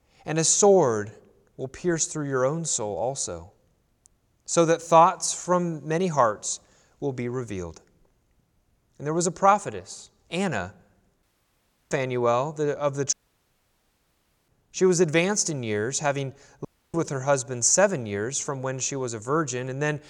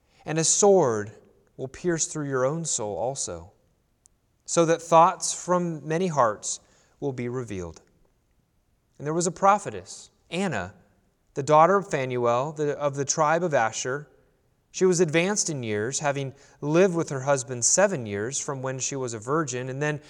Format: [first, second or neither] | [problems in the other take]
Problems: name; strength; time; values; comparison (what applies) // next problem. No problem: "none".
second | audio cutting out; at 11 s for 0.5 s, at 13 s for 1.5 s and at 17 s